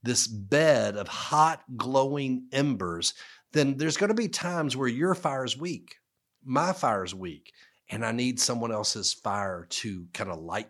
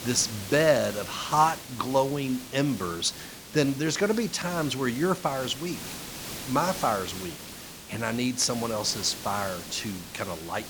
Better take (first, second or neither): first